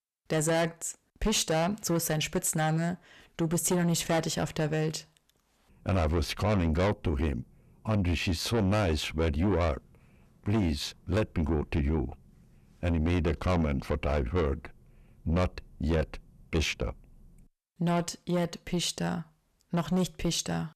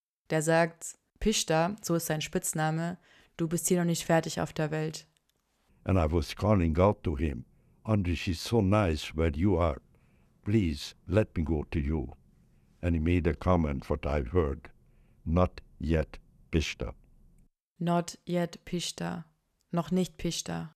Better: second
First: distortion; heavy; 7 dB below the speech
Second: none

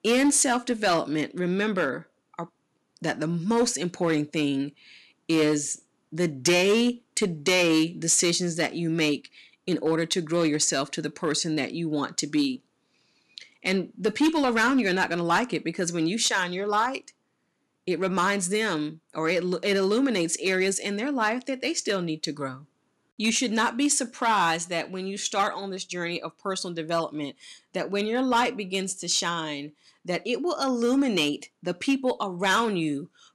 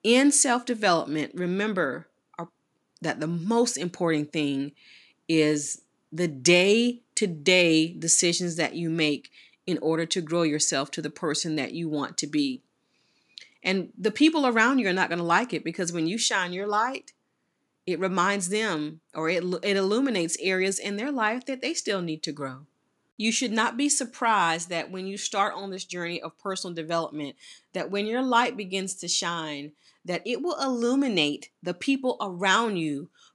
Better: second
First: distortion; slight; 3% of the sound clipped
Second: none

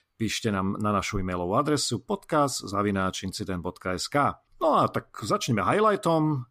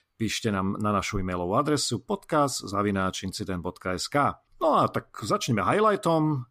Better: neither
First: none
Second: none

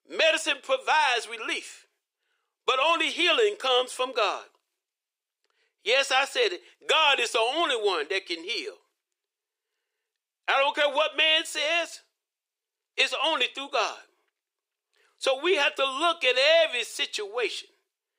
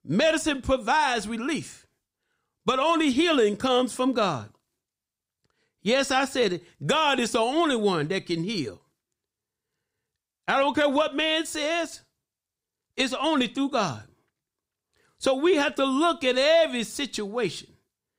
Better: second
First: thin; very; fading below 400 Hz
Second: none

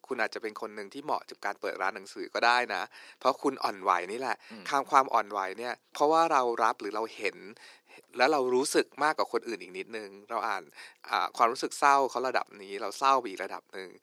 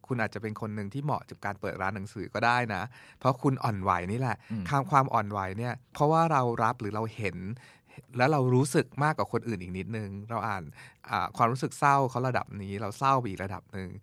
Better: second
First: thin; somewhat; fading below 350 Hz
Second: none

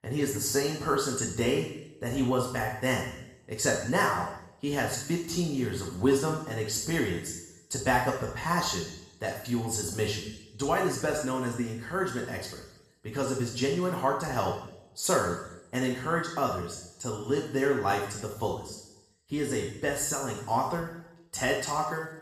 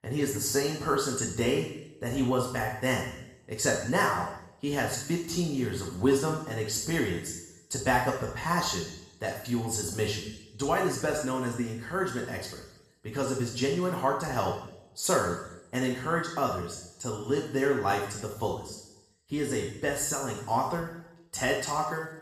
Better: neither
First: room echo; noticeable; dies away in 0.8 s // off-mic speech; far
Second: room echo; noticeable; dies away in 0.8 s // off-mic speech; far

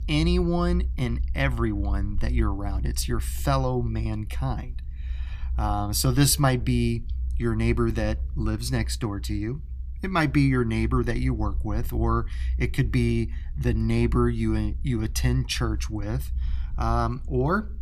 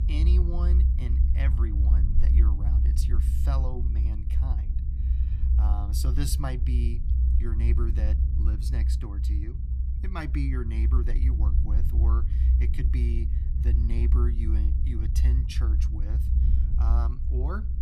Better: first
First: low rumble; faint; throughout; 25 dB below the speech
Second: low rumble; loud; throughout; 3 dB below the speech

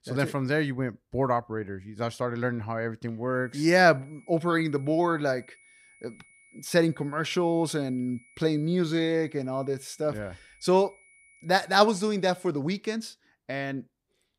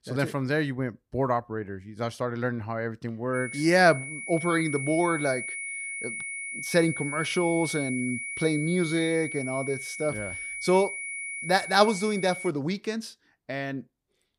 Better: first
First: high-pitched whine; faint; from 3.5 to 12 s; 2 kHz, 30 dB below the speech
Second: high-pitched whine; loud; from 3.5 to 12 s; 2 kHz, 6 dB below the speech

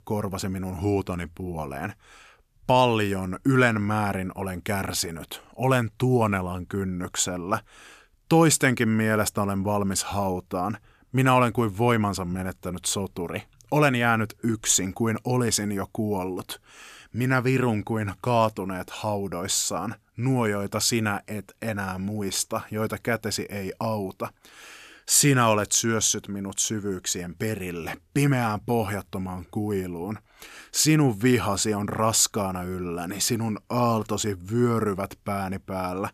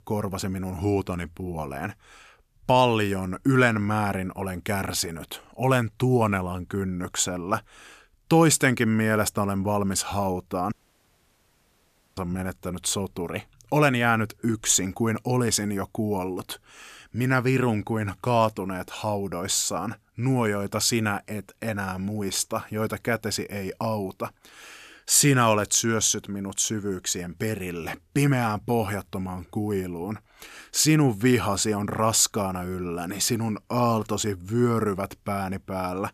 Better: first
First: none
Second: audio cutting out; at 11 s for 1.5 s

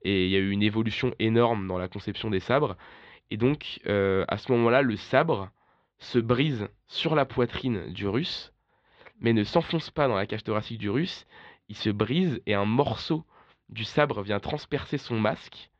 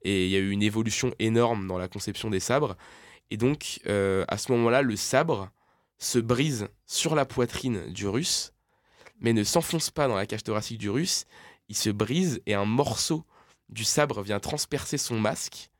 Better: second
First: muffled; slightly; fading above 4 kHz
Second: none

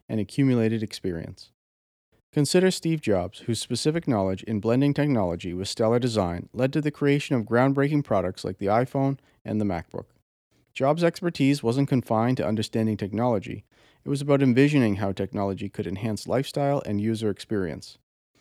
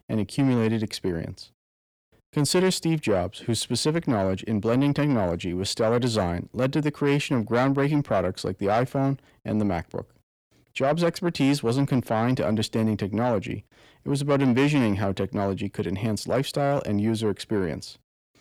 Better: first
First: none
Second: distortion; slight; 10 dB below the speech

